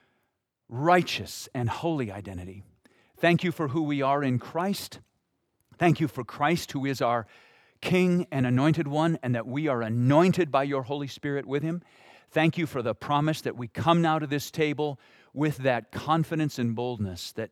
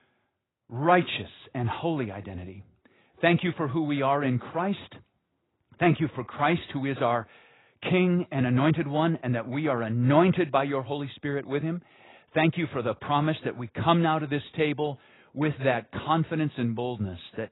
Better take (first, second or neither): first